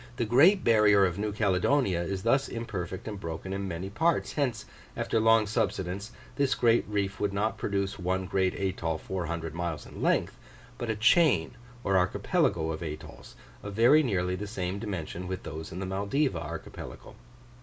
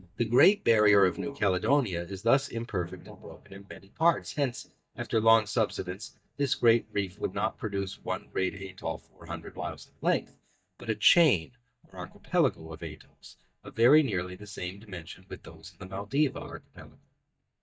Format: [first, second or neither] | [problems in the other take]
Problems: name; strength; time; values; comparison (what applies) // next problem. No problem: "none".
first | noise reduction (neural mask model DeepFilterNet 3)